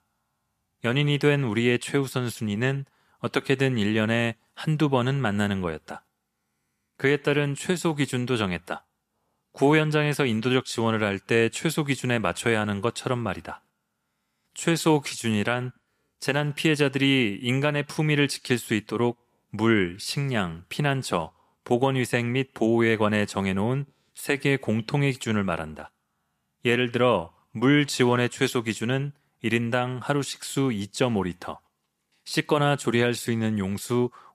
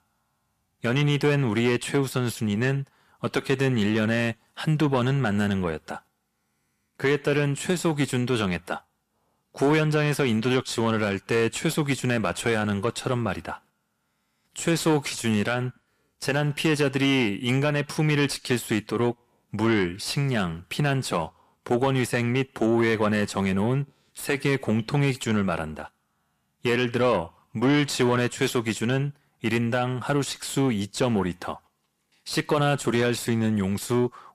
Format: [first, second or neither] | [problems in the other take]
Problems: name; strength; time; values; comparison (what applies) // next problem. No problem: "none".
first | distortion; slight; 10 dB below the speech